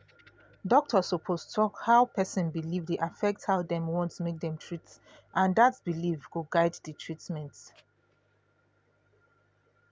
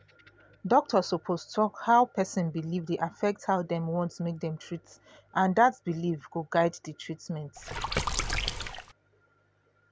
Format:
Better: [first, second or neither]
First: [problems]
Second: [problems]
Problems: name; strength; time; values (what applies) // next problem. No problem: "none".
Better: first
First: none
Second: background sound (Water / Splash, splatter); 2 dB below the speech